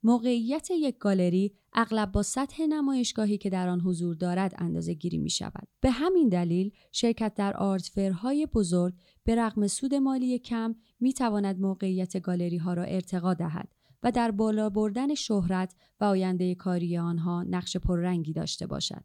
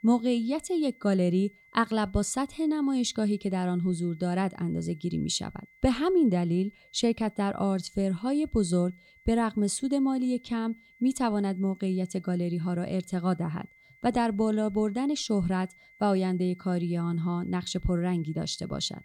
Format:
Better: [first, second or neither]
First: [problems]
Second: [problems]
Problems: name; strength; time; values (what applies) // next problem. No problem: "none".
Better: first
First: none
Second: high-pitched whine; faint; throughout; 2 kHz, 30 dB below the speech